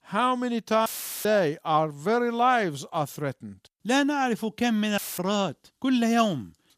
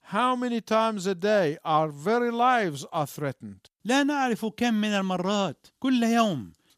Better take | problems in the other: second | audio cutting out; filled with static; at 1 s and at 5 s

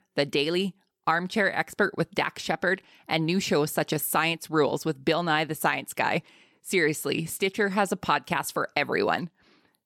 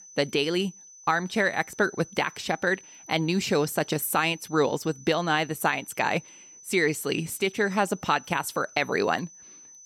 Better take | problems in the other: first | high-pitched whine; faint; throughout; 6 kHz, 20 dB below the speech

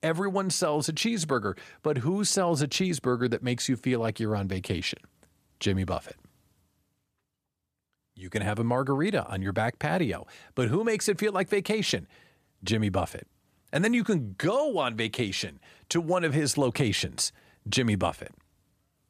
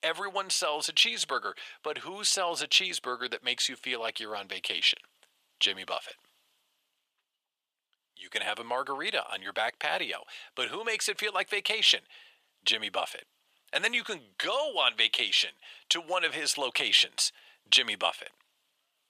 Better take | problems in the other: first | thin; very; fading below 750 Hz

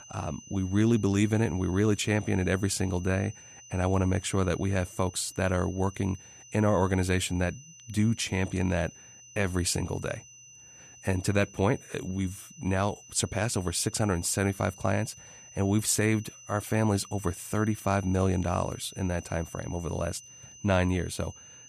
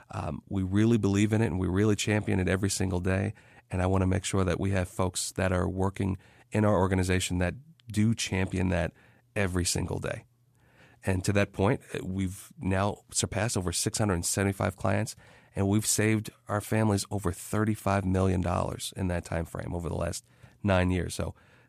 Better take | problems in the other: second | high-pitched whine; noticeable; throughout; 6 kHz, 20 dB below the speech

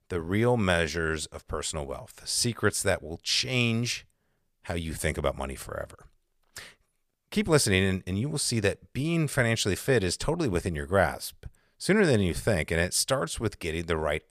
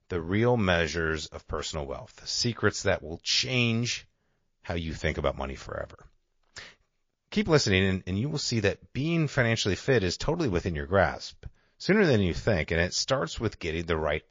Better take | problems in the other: first | garbled, watery; slightly

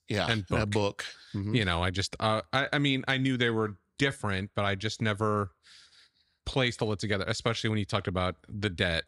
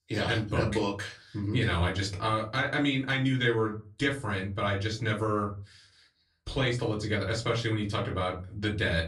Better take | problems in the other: first | off-mic speech; far // room echo; very slight; dies away in 0.3 s

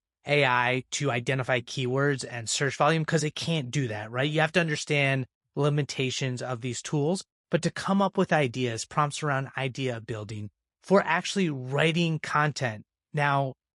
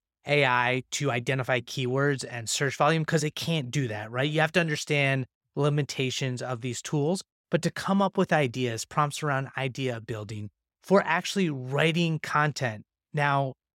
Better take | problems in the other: second | garbled, watery; slightly; nothing above 11 kHz

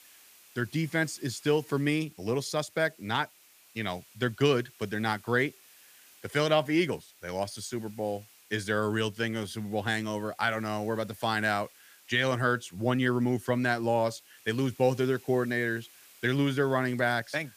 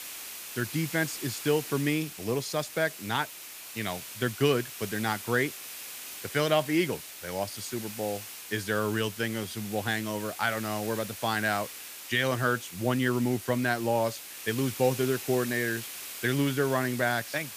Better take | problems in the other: first | hiss; loud; throughout; 9 dB below the speech; faint in the first

